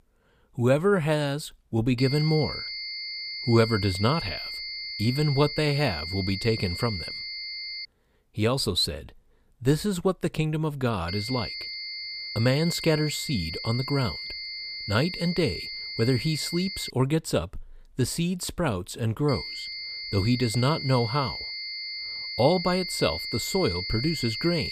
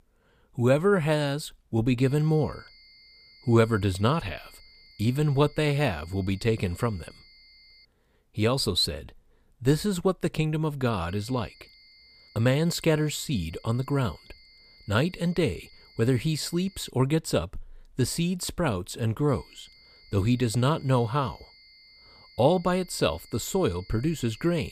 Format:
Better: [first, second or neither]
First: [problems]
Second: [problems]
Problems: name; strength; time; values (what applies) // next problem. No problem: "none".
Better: second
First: high-pitched whine; loud; from 2 to 8 s, from 11 to 17 s and from 19 s on; 4.5 kHz, 6 dB below the speech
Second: high-pitched whine; faint; from 2 to 8 s, from 11 to 17 s and from 19 s on; 4.5 kHz, 25 dB below the speech